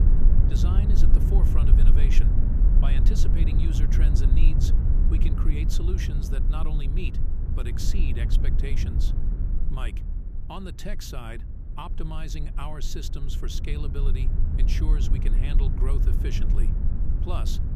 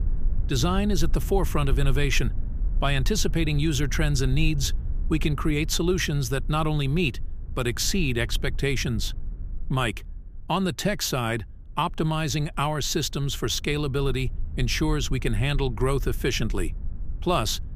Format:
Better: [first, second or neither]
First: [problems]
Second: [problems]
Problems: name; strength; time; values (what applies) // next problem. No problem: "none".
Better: second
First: low rumble; loud; throughout; 2 dB below the speech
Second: low rumble; faint; throughout; 25 dB below the speech